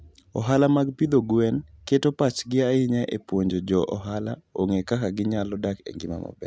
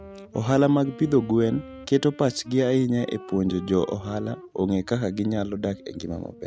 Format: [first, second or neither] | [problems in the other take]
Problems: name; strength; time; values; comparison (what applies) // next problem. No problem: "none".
first | background sound (Wind instrument, woodwind instrument); 19 dB below the speech